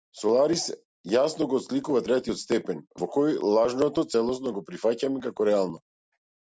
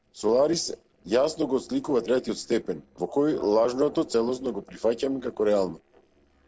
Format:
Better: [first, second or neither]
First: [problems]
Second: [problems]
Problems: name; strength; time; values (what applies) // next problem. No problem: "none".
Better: first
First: none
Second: noise reduction (neural separator model SepFormer DNS4)